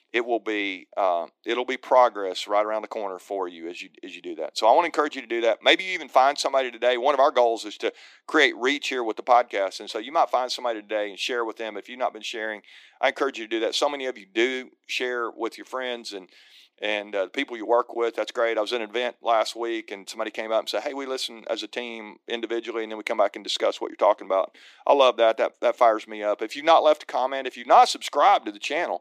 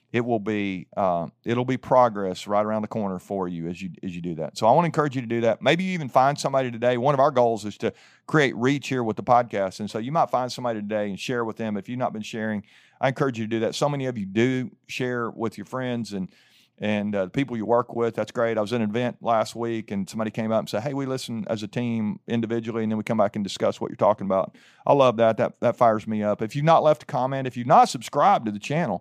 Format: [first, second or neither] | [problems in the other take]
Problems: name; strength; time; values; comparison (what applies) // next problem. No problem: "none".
second | thin; somewhat; fading below 300 Hz